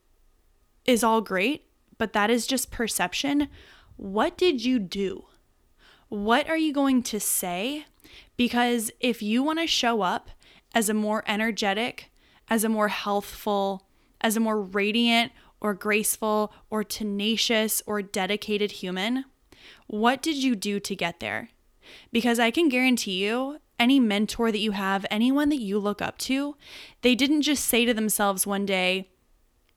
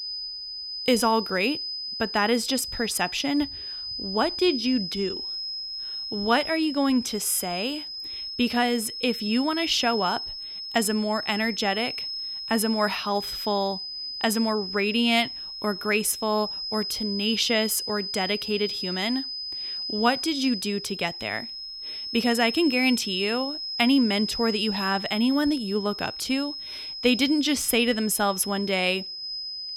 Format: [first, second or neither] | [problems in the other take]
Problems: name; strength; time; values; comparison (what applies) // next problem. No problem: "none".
first | high-pitched whine; loud; throughout; 5 kHz, 6 dB below the speech